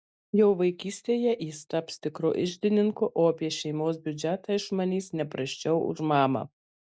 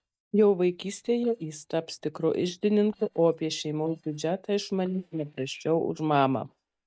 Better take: first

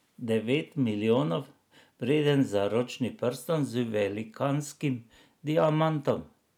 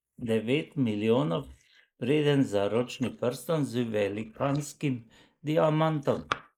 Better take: first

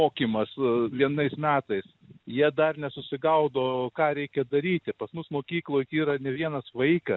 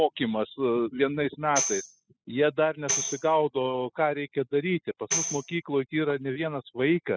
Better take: first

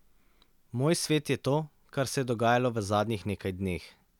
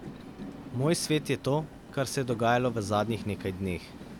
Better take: first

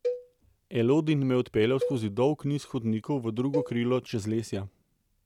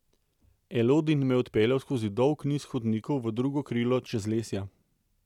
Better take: second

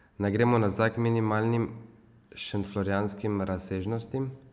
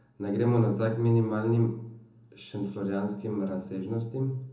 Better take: first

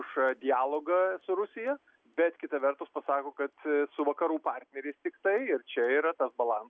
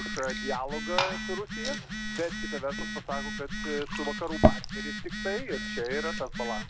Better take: first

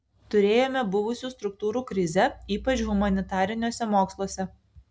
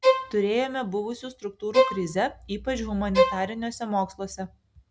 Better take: first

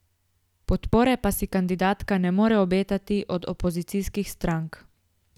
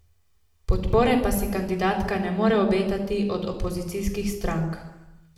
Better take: first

